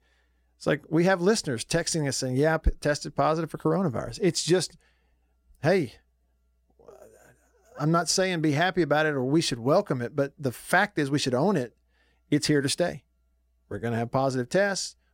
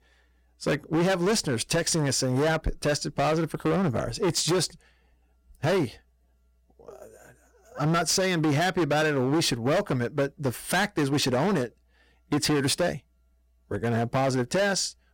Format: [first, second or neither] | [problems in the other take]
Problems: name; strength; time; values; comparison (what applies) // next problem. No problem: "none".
first | distortion; heavy; 16% of the sound clipped